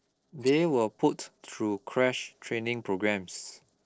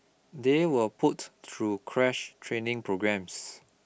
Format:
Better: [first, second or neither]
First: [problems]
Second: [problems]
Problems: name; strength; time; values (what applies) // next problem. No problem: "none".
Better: second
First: noise reduction (neural separator model SepFormer DNS4)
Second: none